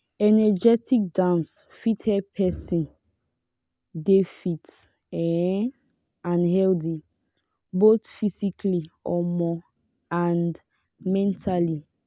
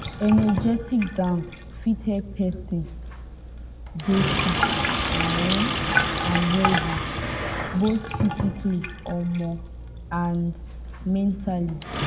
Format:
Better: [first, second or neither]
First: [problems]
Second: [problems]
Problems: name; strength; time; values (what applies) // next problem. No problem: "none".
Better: first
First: none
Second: background sound (Sink (filling or washing)); 2 dB below the speech // room echo; dies away in 0.8 s